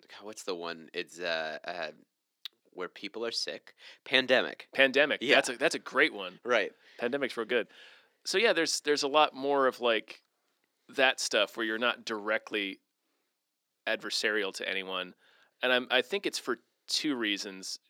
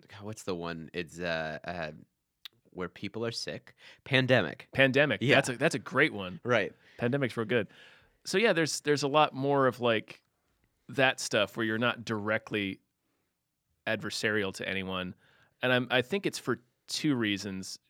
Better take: second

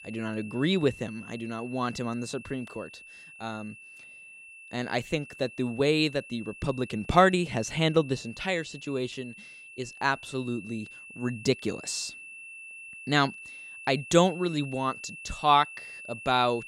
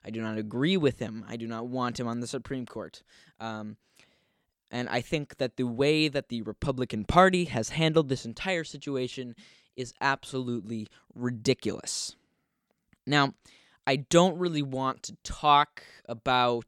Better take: second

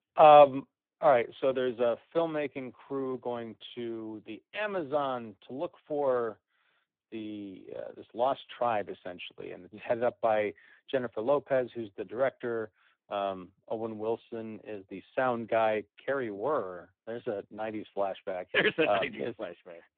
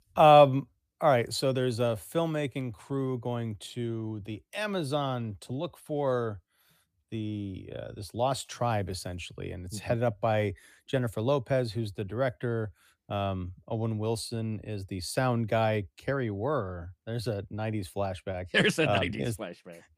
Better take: second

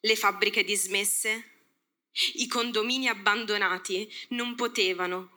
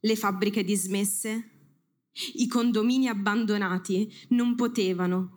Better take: second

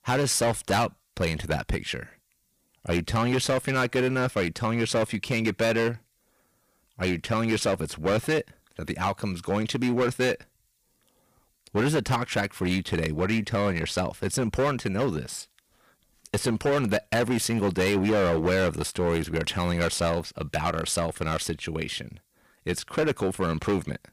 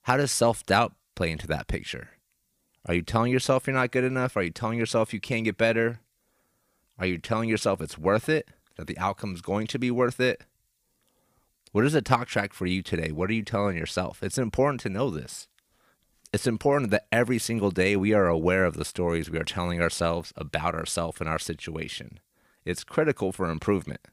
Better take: second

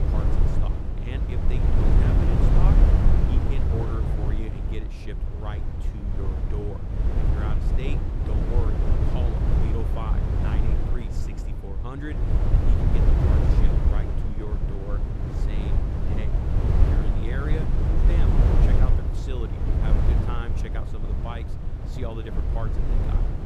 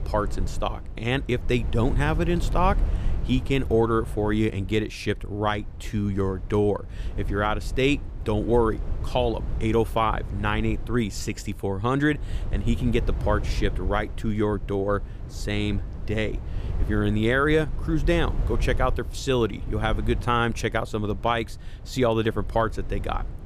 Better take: second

